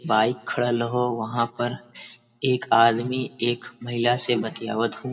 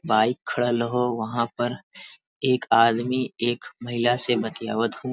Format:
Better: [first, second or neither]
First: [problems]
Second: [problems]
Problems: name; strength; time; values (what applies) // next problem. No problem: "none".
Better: second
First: room echo; dies away in 0.3 s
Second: none